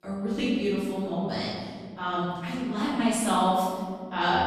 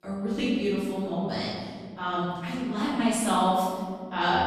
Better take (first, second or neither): neither